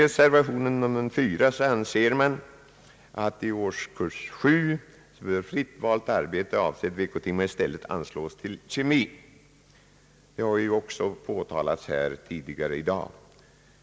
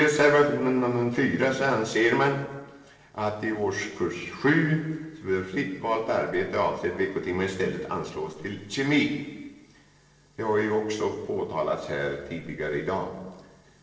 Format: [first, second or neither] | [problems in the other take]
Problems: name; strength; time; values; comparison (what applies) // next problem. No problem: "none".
first | noise reduction (neural separator model SepFormer DNS4)